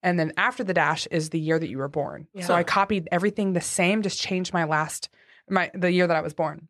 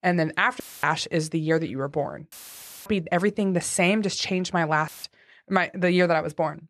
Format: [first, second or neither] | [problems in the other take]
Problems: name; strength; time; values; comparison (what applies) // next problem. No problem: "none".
first | audio cutting out; filled with static; at 0.5 s, at 2.5 s for 0.5 s and at 5 s